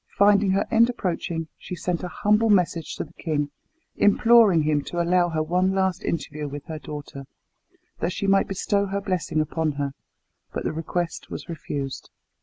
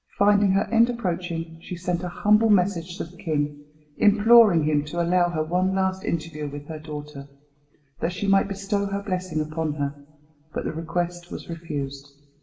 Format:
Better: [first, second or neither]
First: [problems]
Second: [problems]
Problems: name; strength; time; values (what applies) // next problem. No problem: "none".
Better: first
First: none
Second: room echo; dies away in 1 s